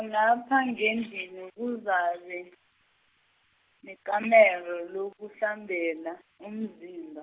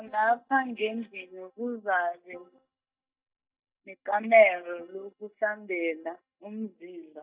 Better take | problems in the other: first | noise reduction (neural mask model DeepFilterNet 3)

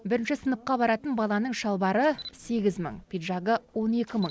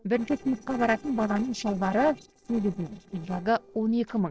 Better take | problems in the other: first | noise reduction (neural separator model SepFormer DNS4)

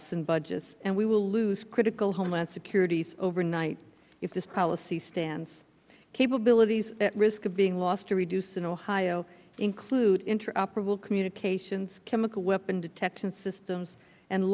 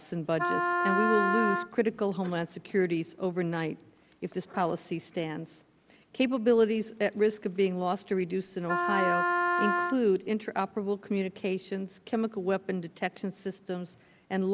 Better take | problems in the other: first | background sound (Wind instrument, woodwind instrument); 1 dB above the speech

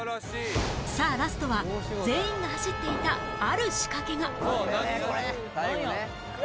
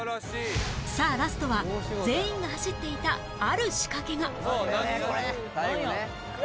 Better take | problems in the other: second | background sound (Fireworks + Trumpet); 8 dB below the speech

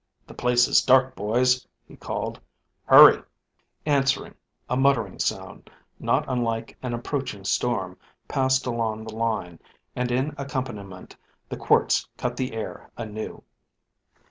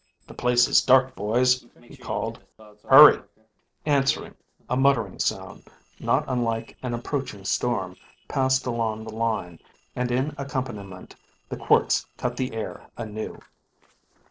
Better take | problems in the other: first | noise reduction (neural separator model SepFormer DNS4)

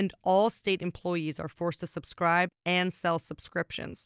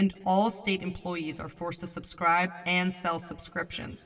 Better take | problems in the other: first | room echo; dies away in 1.7 s

